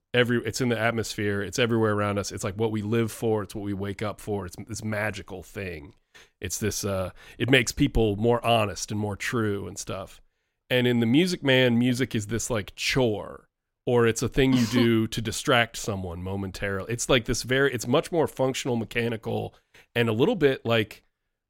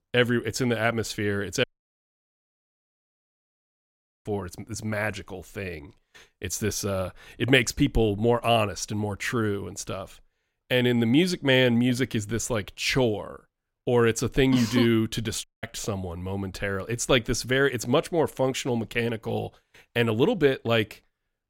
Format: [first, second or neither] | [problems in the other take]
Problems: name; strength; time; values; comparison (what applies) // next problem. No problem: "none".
first | audio cutting out; at 1.5 s for 2.5 s and at 15 s